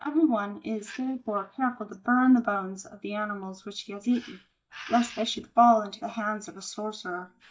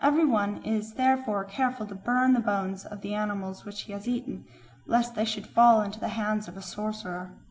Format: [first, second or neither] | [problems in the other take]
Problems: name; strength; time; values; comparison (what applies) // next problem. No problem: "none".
second | noise reduction (neural mask model DeepFilterNet 3)